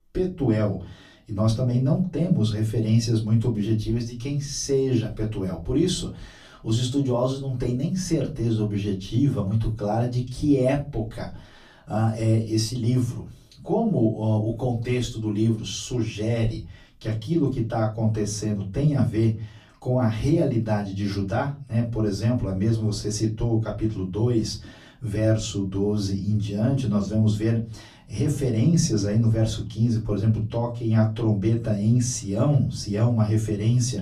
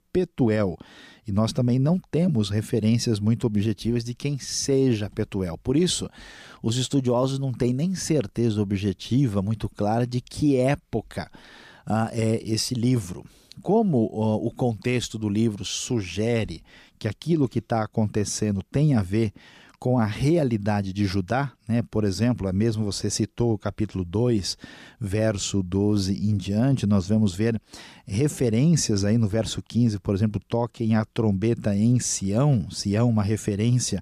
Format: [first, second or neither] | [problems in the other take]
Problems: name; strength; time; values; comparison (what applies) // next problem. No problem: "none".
second | off-mic speech; far // room echo; very slight; dies away in 0.3 s